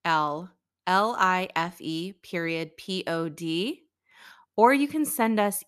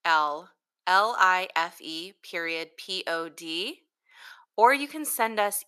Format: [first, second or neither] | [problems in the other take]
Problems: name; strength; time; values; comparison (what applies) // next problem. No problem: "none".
first | thin; somewhat; fading below 550 Hz